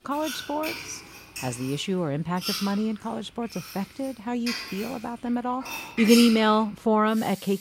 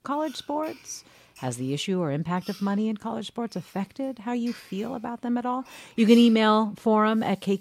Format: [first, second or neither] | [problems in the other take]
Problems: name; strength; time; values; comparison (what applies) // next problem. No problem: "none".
second | household noises; loud; throughout; 7 dB below the speech; faint in the second